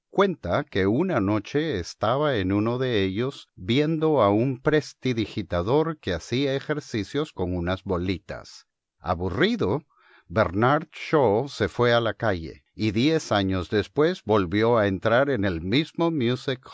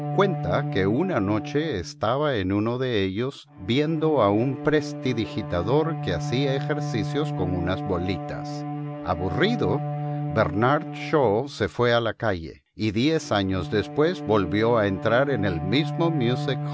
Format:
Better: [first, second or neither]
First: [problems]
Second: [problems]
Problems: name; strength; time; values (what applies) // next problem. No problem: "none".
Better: first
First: none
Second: background sound (Bowed string instrument); 7 dB below the speech